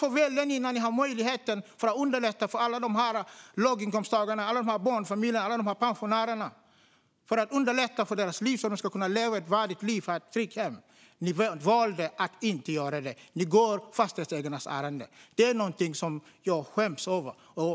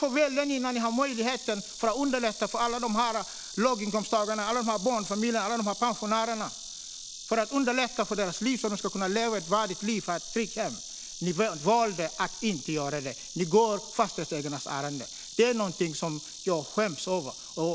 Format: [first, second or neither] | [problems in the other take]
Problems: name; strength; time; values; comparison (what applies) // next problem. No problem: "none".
first | background sound (Insect); 12 dB below the speech